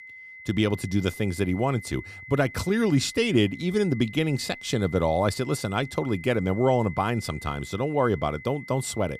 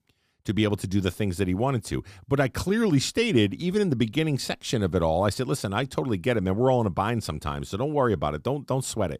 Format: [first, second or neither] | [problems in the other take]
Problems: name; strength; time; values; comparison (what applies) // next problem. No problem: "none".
second | high-pitched whine; noticeable; throughout; 2 kHz, 15 dB below the speech